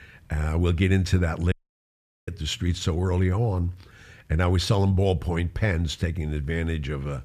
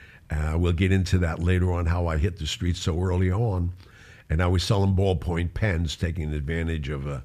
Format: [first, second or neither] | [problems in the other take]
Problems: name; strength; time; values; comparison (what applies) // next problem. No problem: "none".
second | audio cutting out; at 1.5 s for 1 s